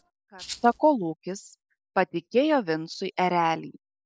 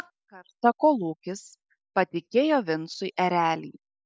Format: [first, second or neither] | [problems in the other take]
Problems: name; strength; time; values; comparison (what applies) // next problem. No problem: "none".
second | noise reduction (neural separator model SepFormer DNS4)